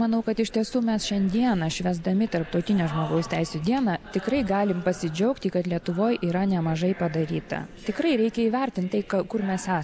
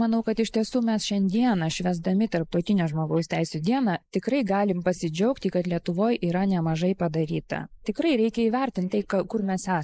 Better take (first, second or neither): first